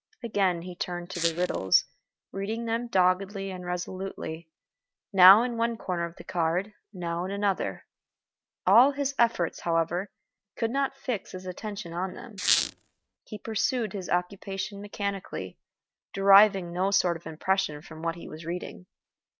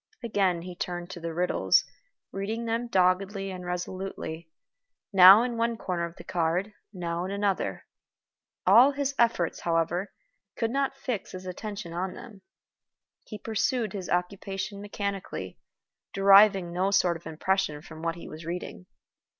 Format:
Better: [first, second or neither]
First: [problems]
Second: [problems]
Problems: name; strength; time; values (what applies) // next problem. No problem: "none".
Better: second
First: noise reduction (neural mask model RNNoise)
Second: none